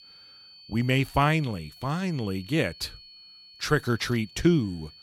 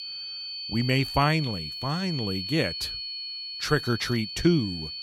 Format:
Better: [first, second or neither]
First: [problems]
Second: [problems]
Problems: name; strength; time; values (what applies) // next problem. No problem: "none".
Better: first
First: high-pitched whine; faint; throughout; 4.5 kHz, 20 dB below the speech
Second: high-pitched whine; loud; throughout; 4.5 kHz, 6 dB below the speech